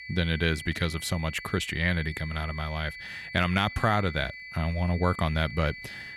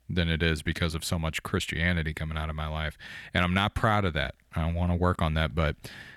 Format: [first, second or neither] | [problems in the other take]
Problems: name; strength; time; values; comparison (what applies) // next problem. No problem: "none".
second | high-pitched whine; noticeable; throughout; 2 kHz, 10 dB below the speech